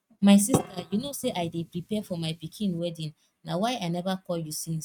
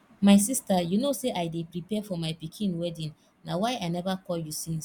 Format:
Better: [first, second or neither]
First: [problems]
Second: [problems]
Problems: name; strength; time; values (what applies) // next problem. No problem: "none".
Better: second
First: noise reduction (neural mask model RNNoise)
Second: none